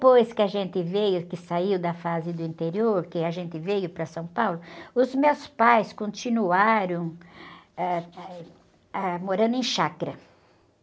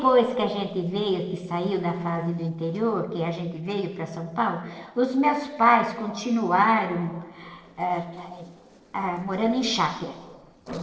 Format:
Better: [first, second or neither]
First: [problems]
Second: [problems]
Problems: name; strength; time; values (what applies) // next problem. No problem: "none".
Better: first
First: none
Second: noise reduction (neural separator model SepFormer DNS4)